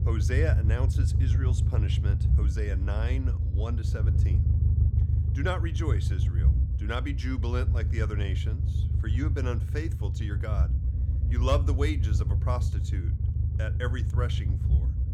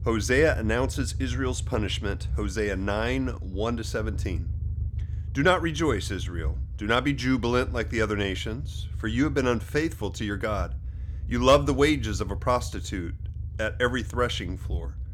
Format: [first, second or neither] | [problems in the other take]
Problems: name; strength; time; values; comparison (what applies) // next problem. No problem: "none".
second | low rumble; loud; throughout; 5 dB below the speech; faint in the second